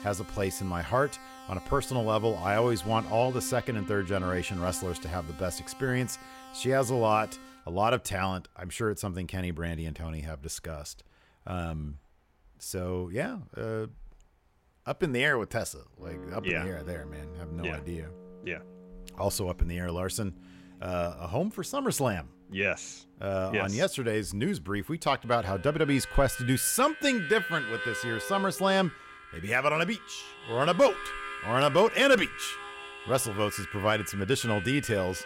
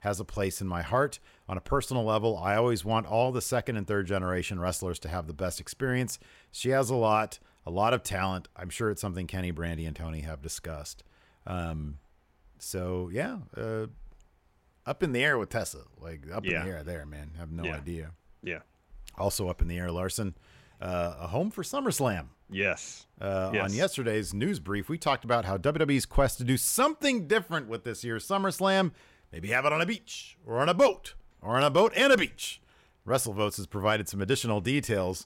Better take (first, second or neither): second